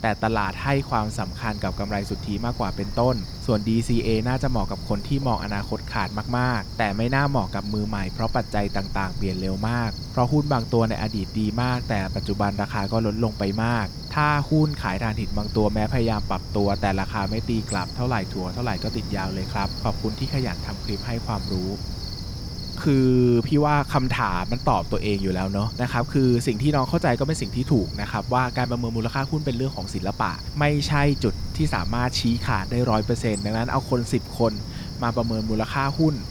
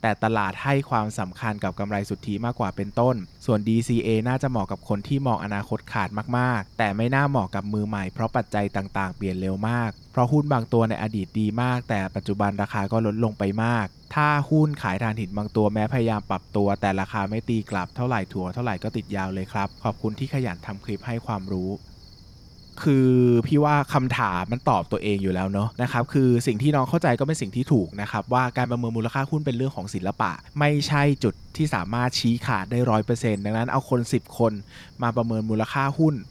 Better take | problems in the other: second | animal sounds; loud; throughout; 9 dB below the speech; faint in the second

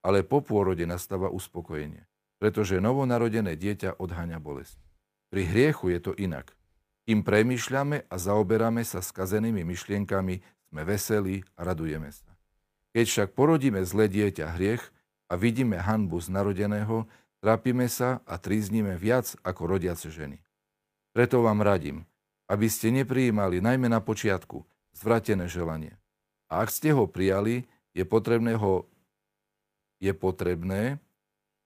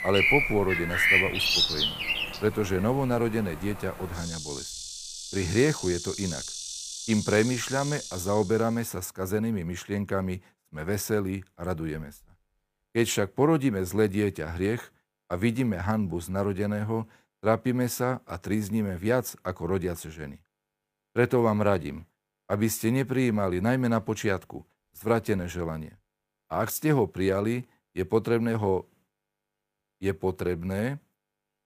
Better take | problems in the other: first | animal sounds; very loud; until 8.5 s; 1 dB above the speech

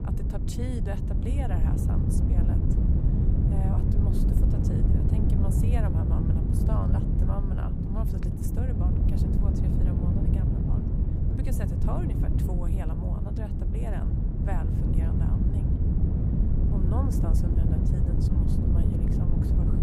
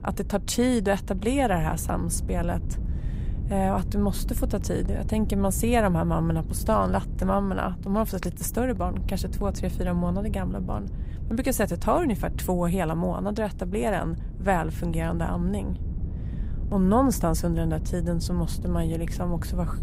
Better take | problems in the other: second | wind noise on the microphone; heavy; 4 dB above the speech; occasional gusts in the second

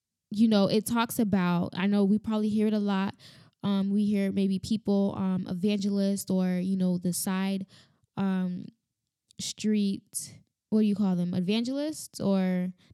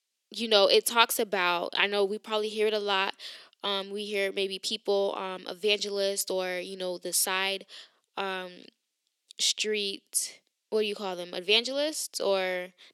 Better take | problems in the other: first | thin; very; fading below 400 Hz

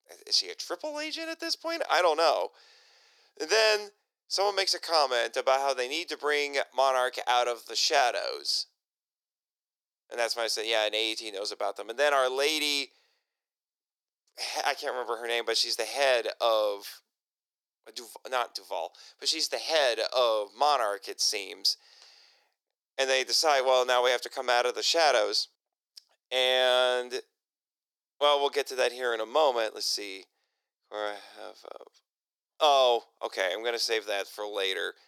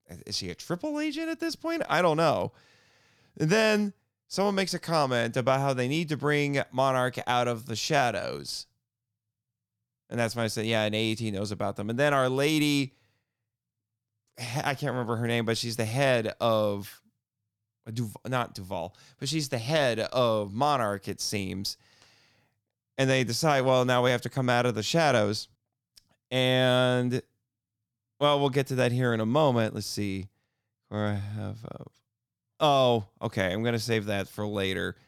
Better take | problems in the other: second | thin; very; fading below 400 Hz

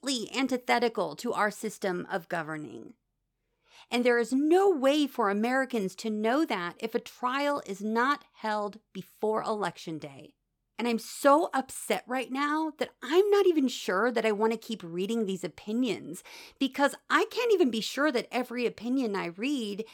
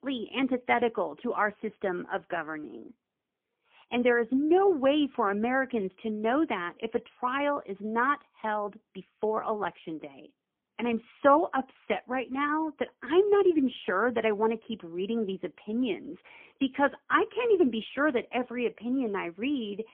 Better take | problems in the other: first | phone-call audio; poor line; nothing above 3.5 kHz

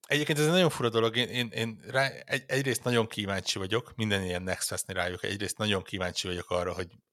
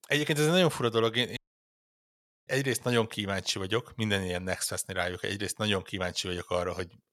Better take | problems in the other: first | audio cutting out; at 1.5 s for 1 s

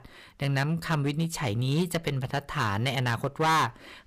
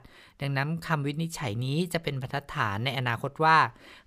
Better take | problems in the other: second | distortion; heavy; 10% of the sound clipped

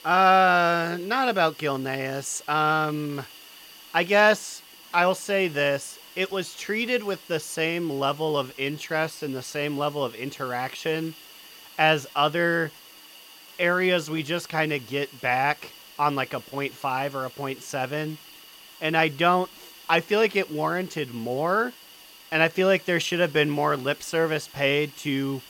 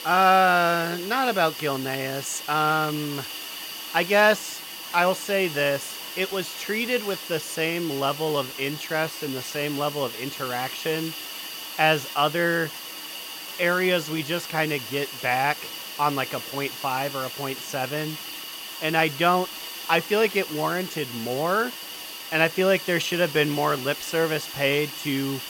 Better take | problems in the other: first | hiss; loud; throughout; 9 dB below the speech; faint in the first

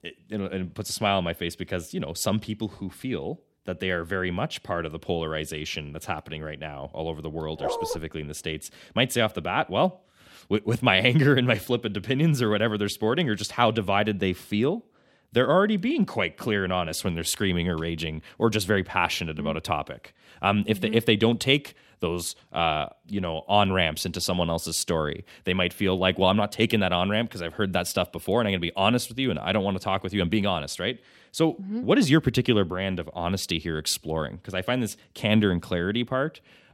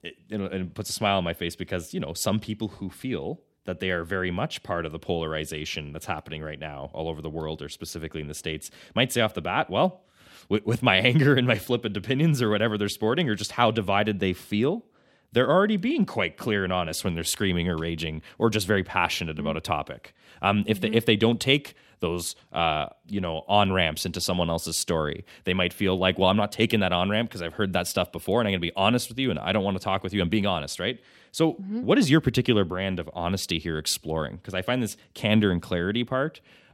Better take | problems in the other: second | dog barking; noticeable; at 7.5 s; peak 4 dB below the speech

